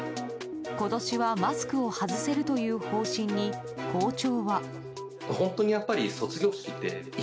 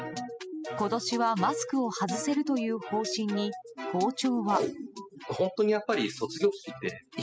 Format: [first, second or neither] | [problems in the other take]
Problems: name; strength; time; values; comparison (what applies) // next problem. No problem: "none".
first | noise reduction (classical method spectral subtraction)